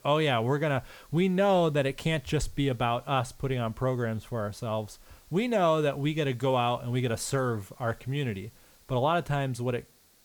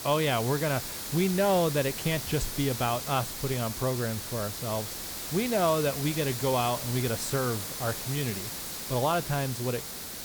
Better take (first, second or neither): first